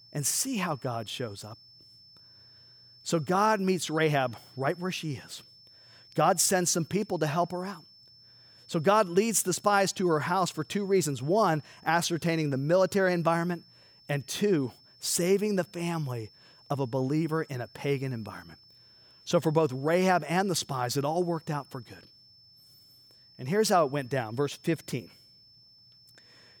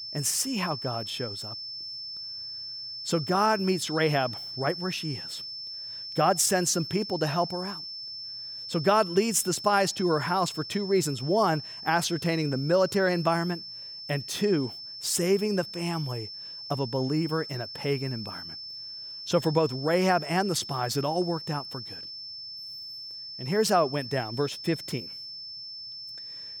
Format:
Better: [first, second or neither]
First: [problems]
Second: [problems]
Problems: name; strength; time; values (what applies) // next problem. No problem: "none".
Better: first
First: high-pitched whine; faint; throughout; 5.5 kHz, 25 dB below the speech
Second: high-pitched whine; loud; throughout; 5.5 kHz, 9 dB below the speech